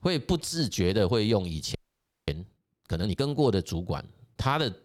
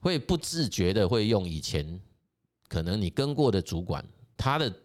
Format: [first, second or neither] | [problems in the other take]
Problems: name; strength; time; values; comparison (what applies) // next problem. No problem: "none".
second | audio freezing; at 2 s for 0.5 s